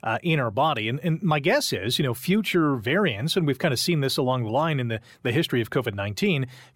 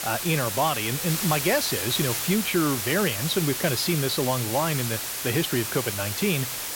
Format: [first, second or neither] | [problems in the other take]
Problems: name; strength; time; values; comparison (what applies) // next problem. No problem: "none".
first | hiss; loud; throughout; 2 dB below the speech